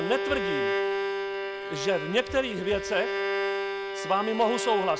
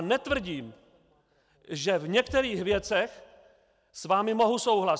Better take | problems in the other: second | background sound (Bowed string instrument); 1 dB below the speech

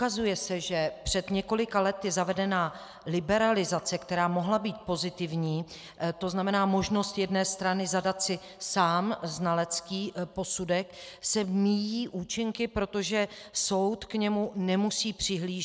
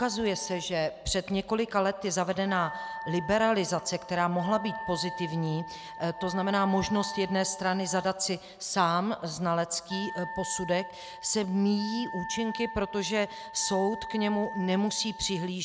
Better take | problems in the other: first | background sound (Wind instrument, woodwind instrument); 12 dB below the speech

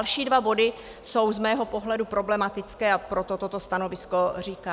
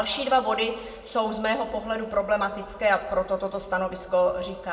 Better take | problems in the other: first | room echo; dies away in 1.1 s

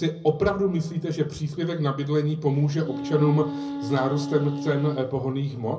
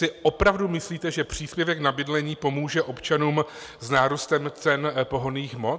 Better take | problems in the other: second | background sound (Wind instrument, woodwind instrument); 8 dB below the speech // room echo; dies away in 0.4 s

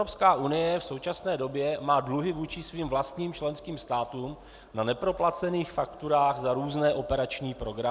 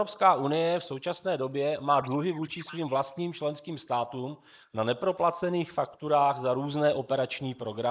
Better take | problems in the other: first | noise reduction (neural mask model Resemble Enhance denoiser)

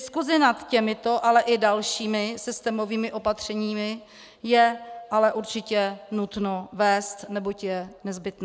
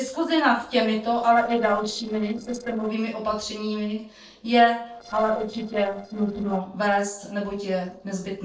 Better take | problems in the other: first | noise reduction (neural separator model SepFormer DNS4)

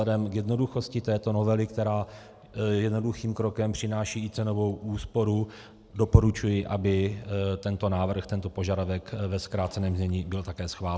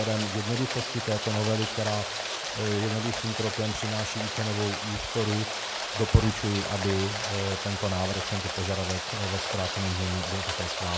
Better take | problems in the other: first | background sound (Rain); 3 dB below the speech

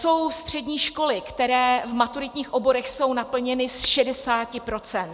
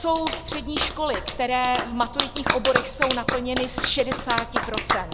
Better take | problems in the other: first | background sound (Clapping); 2 dB below the speech

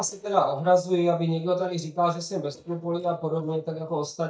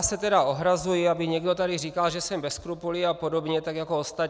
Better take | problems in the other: second | noise reduction (neural mask model DeepFilterNet 3)

